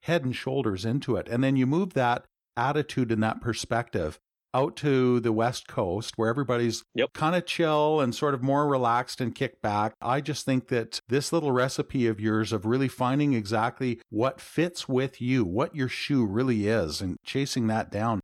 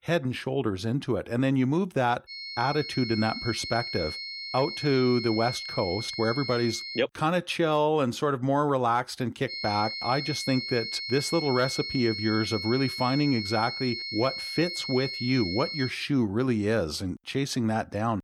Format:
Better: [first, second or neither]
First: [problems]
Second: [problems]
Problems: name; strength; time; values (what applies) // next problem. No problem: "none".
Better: first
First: none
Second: high-pitched whine; loud; from 2.5 to 7 s and from 9.5 to 16 s; 4.5 kHz, 6 dB below the speech